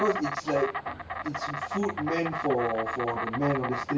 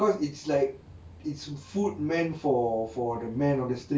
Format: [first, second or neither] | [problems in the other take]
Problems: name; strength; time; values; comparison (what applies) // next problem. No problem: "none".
second | background sound (Insect); 4 dB below the speech